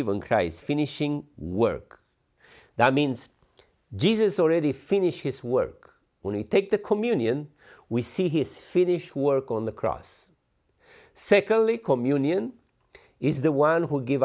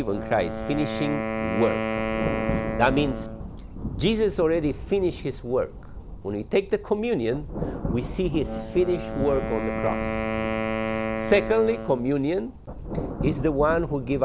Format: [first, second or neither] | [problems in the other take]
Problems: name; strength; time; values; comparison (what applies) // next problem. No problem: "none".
first | background sound (Thunder + Wind instrument, woodwind instrument); 4 dB below the speech